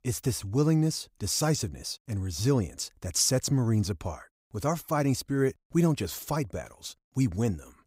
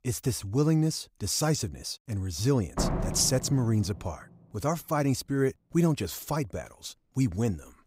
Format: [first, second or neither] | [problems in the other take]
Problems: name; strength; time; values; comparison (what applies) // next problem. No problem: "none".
first | door banging; noticeable; from 3 to 4 s; peak 2 dB below the speech